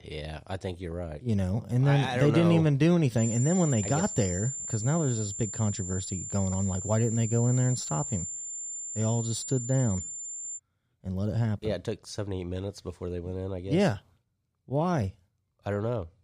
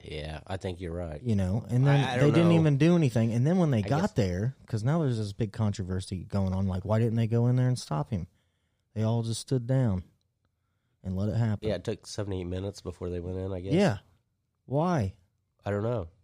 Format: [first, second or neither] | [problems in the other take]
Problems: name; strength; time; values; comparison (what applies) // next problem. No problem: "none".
second | high-pitched whine; loud; from 3 to 11 s; 7 kHz, 6 dB below the speech